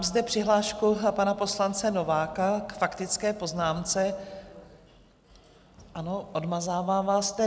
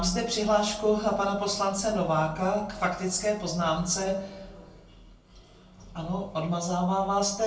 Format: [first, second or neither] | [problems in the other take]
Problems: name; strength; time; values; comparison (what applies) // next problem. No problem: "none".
first | room echo; dies away in 0.3 s